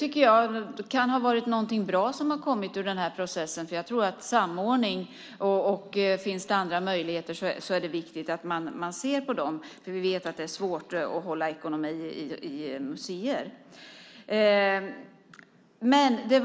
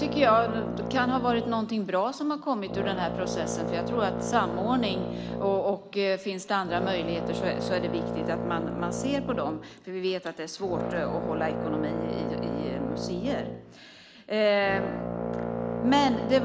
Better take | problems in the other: first | background sound (Brass instrument); 4 dB below the speech

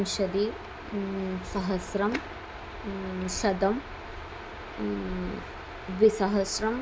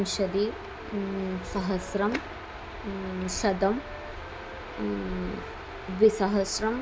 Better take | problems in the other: first | background sound (Wind instrument, woodwind instrument); 19 dB below the speech

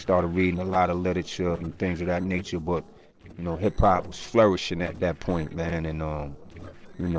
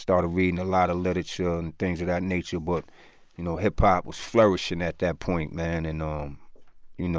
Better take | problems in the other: second | noise reduction (neural separator model SepFormer DNS4)

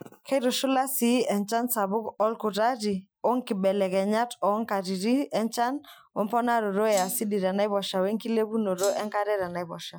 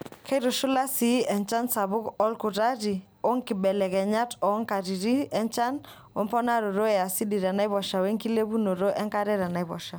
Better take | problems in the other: second | noise reduction (classical method Wiener filter)

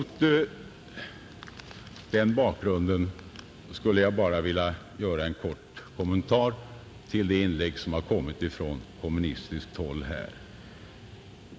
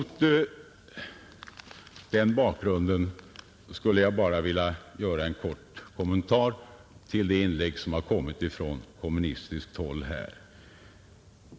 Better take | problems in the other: second | background sound (Guitar); 19 dB below the speech

